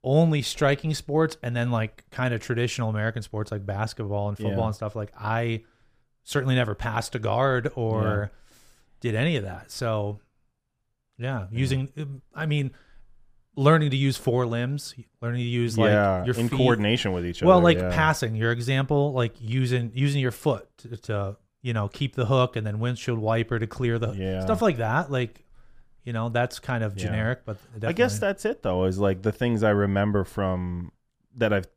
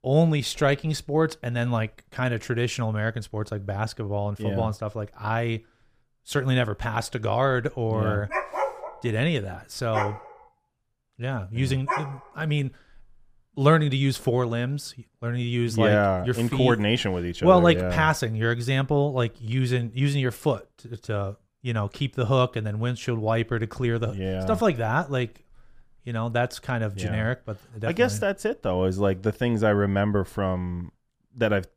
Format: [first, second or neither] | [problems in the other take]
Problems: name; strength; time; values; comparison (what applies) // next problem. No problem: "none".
first | dog barking; noticeable; from 8.5 to 12 s; peak 2 dB below the speech